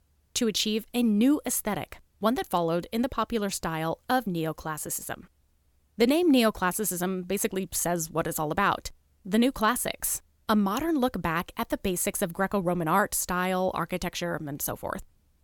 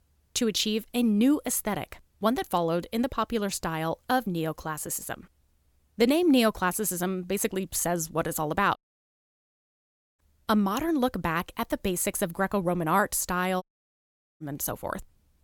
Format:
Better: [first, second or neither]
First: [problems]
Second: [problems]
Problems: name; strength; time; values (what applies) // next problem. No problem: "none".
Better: first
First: none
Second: audio cutting out; at 9 s for 1.5 s and at 14 s for 1 s